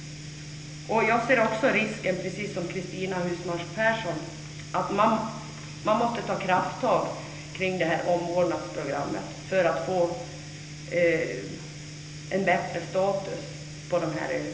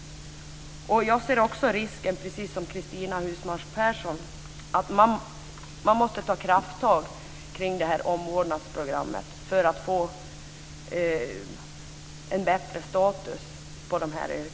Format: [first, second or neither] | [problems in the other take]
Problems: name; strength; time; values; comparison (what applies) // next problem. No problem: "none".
second | room echo; dies away in 0.8 s